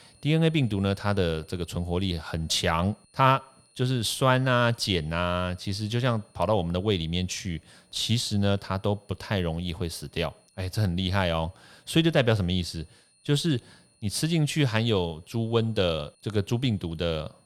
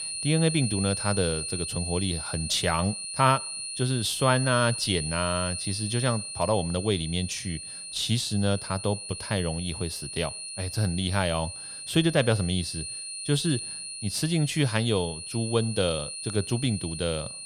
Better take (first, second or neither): first